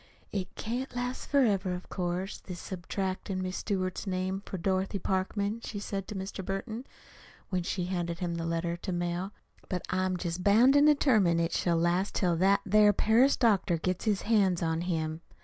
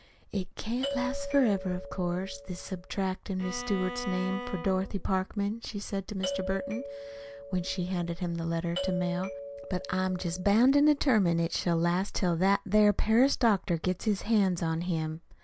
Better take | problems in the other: first | background sound (Doorbell + Bowed string instrument); 11 dB below the speech

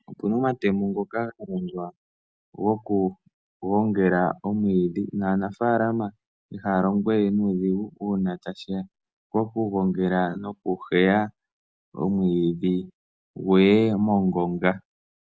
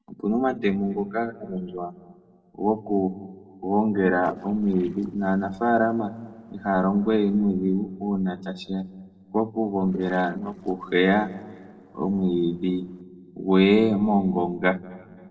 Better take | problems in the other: first | noise reduction (neural separator model SepFormer DNS4)

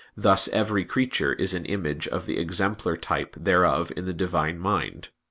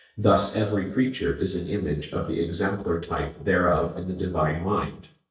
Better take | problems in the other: first | noise reduction (neural mask model DeepFilterNet 3)

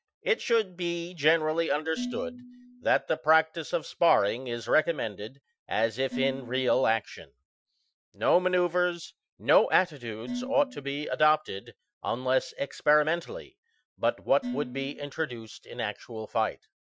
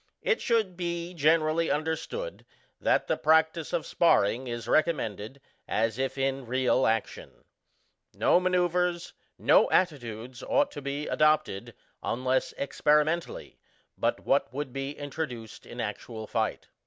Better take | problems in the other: second | noise reduction (classical method Wiener filter)

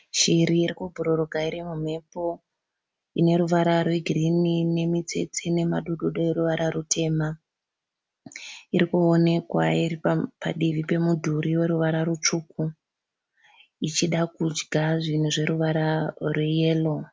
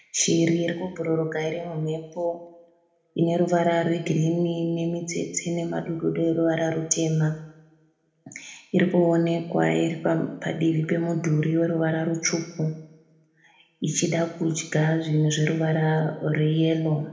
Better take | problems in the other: first | room echo; dies away in 0.7 s

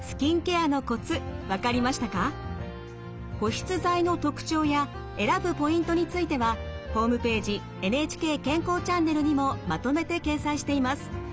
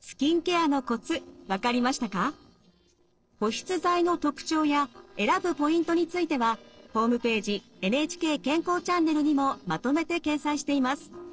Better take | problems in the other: first | noise reduction (neural separator model SepFormer DNS4)

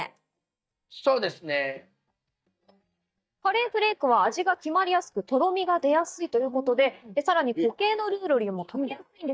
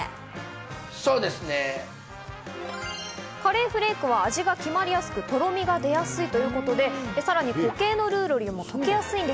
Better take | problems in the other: second | noise reduction (neural mask model DeepFilterNet 3)

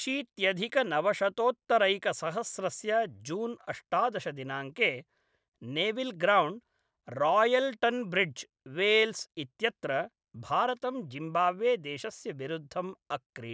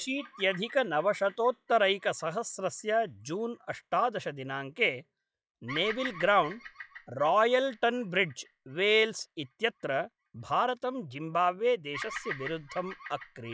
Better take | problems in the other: first | noise reduction (classical method log-MMSE)

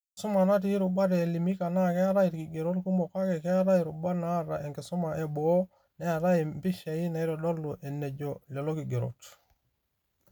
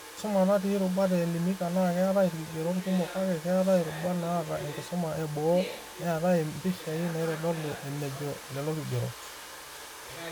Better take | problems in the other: first | background sound (Domestic sounds, home sounds); 13 dB below the speech

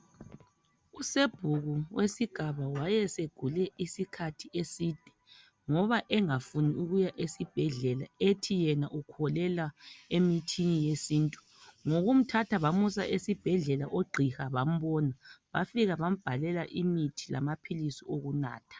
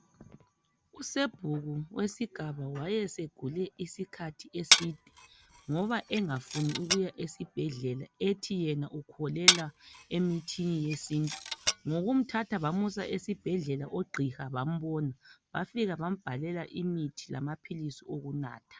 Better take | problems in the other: first | background sound (Glass); 2 dB above the speech

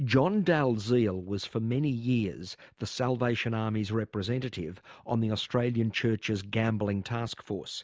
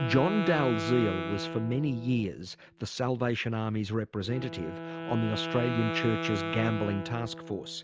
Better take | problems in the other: first | background sound (Wind instrument, woodwind instrument); 6 dB below the speech

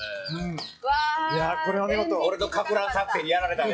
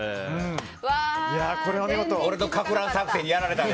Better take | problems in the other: second | noise reduction (classical method log-MMSE)

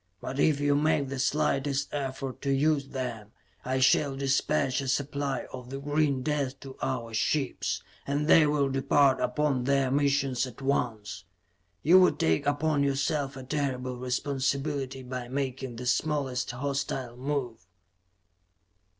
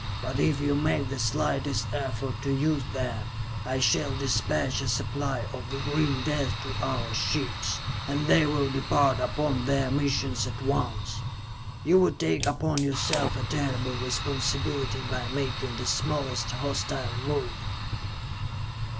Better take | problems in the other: first | background sound (Fire); 3 dB below the speech

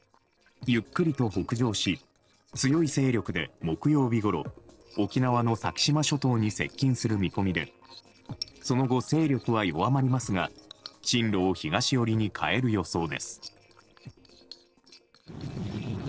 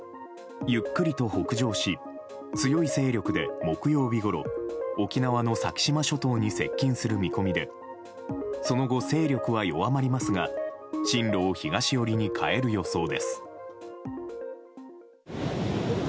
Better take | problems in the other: second | noise reduction (neural separator model SepFormer DNS4)

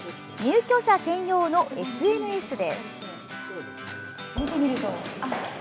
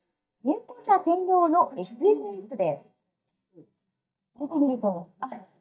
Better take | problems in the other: first | noise reduction (neural mask model DeepFilterNet 3)

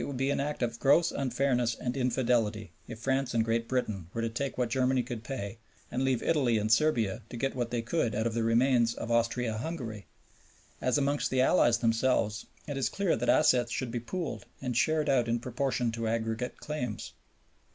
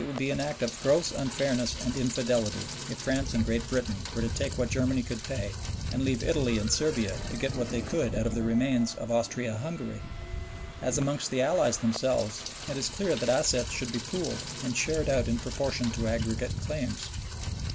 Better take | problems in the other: first | background sound (Rain); 6 dB below the speech

